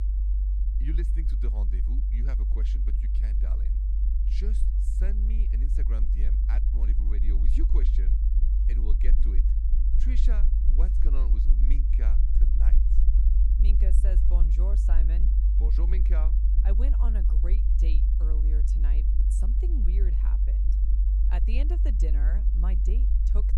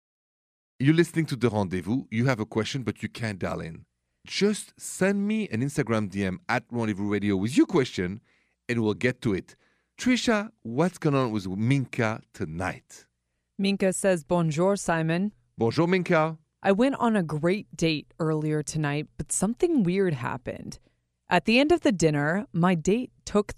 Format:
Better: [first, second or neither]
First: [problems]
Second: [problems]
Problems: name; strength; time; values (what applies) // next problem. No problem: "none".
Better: second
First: low rumble; loud; throughout; 1 dB below the speech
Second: none